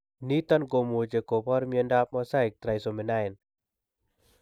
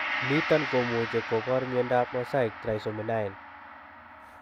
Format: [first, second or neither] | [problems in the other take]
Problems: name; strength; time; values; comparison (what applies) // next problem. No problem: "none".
first | background sound (Gong); 7 dB below the speech